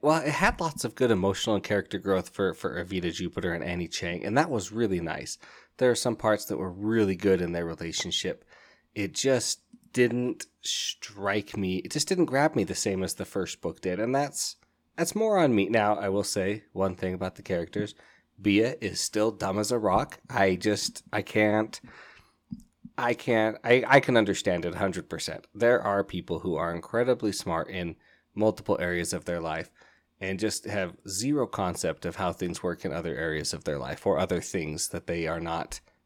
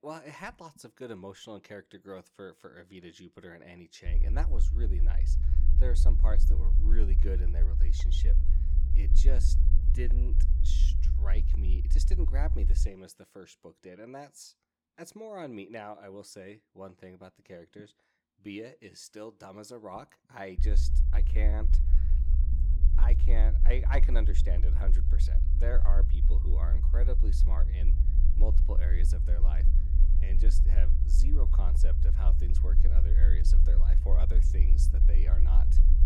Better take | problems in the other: first | low rumble; loud; from 4 to 13 s and from 21 s on; 5 dB below the speech

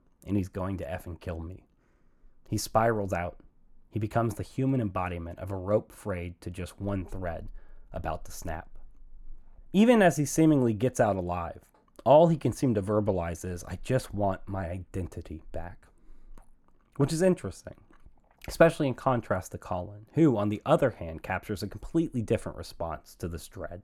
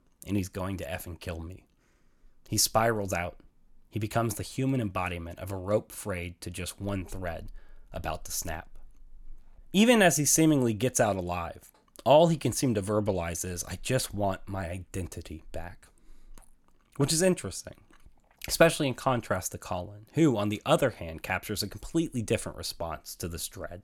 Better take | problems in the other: second | muffled; slightly; fading above 2 kHz

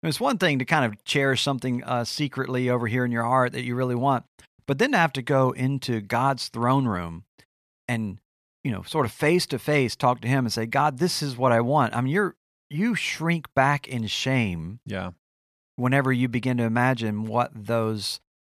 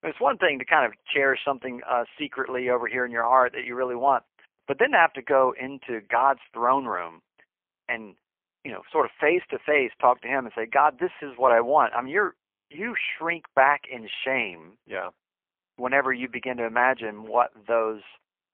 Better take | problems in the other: first | phone-call audio; poor line

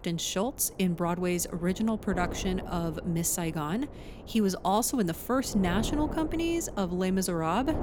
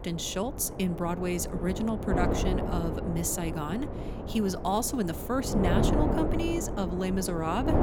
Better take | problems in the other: first | wind noise on the microphone; heavy; 3 dB below the speech; occasional gusts in the first

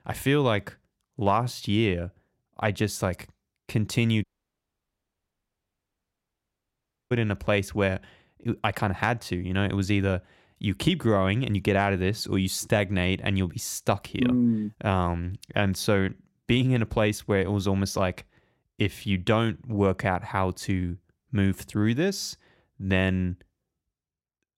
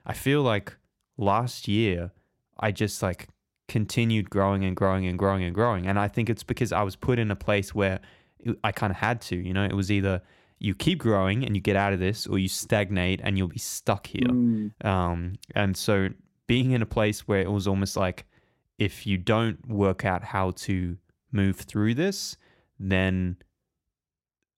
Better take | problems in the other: second | audio cutting out; at 4 s for 3 s

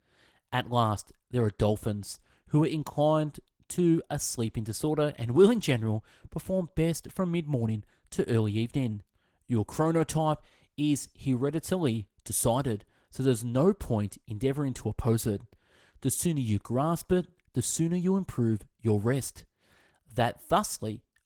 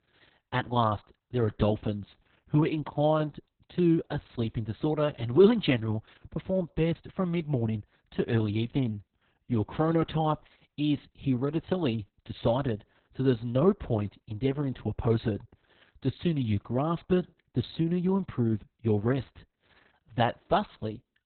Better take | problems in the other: first | garbled, watery; badly; nothing above 4 kHz; slightly in the first

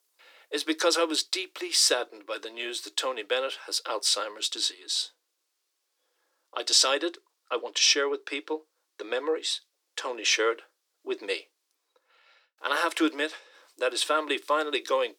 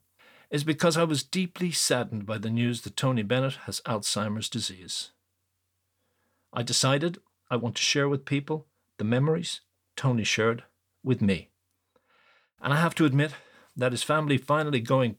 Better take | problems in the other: second | thin; very; fading below 300 Hz

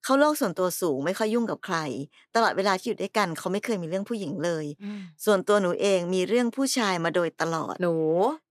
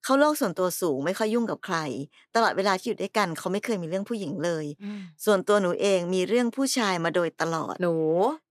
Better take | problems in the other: neither | none

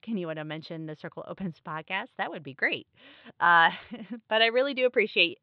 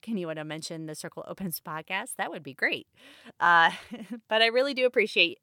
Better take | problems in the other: second | muffled; slightly; fading above 3.5 kHz

